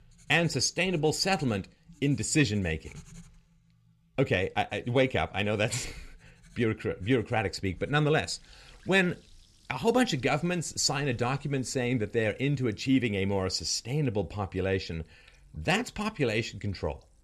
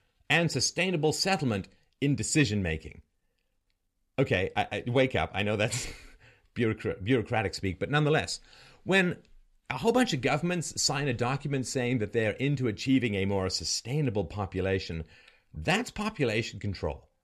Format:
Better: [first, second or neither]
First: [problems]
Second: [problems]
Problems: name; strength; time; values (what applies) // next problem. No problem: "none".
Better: second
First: household noises; faint; throughout; 30 dB below the speech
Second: none